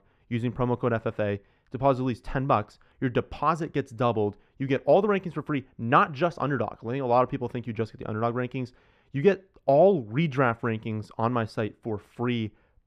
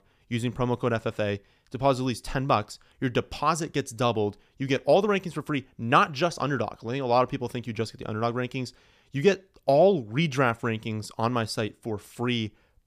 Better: second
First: muffled; slightly; fading above 3.5 kHz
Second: none

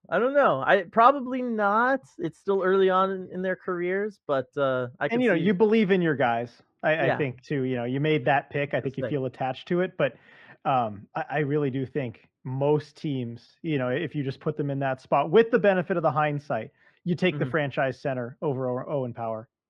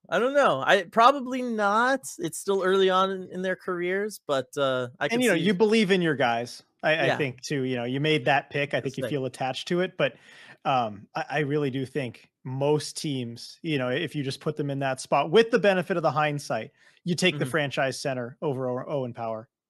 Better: second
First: muffled; very; fading above 2 kHz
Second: none

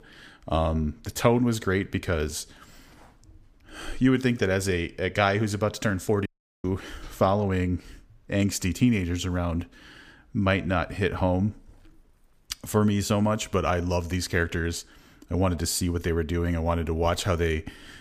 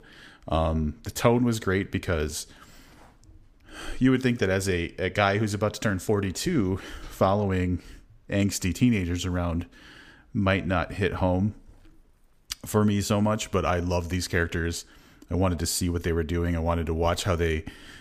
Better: second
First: audio cutting out; at 6.5 s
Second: none

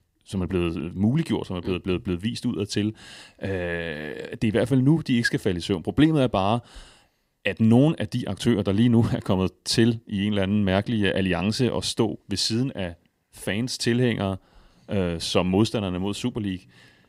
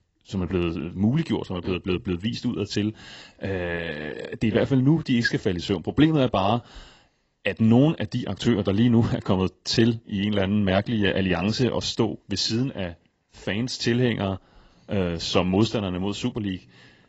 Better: first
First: none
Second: garbled, watery; badly; nothing above 7.5 kHz

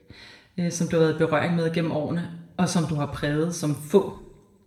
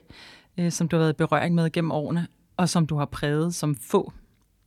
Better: second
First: room echo; slight; dies away in 0.7 s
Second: none

